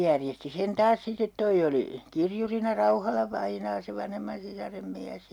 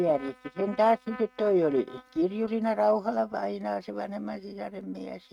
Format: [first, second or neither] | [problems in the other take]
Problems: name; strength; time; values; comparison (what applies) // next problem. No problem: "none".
first | noise reduction (neural mask model RNNoise)